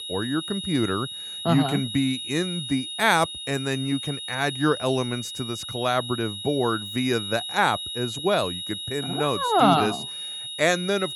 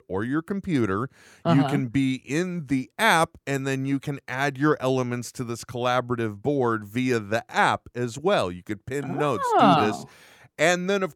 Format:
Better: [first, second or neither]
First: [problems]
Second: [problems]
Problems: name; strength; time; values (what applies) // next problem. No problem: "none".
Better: second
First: high-pitched whine; loud; throughout; 4 kHz, 6 dB below the speech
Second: none